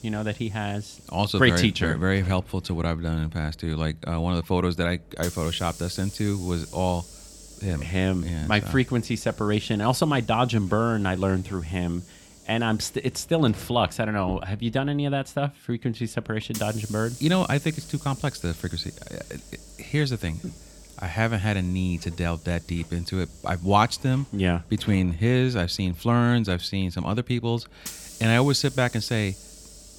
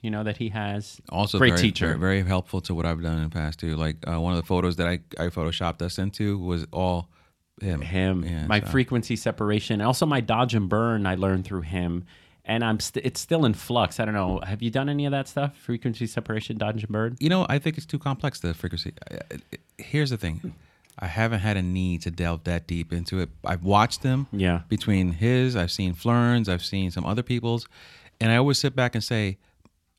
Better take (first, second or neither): second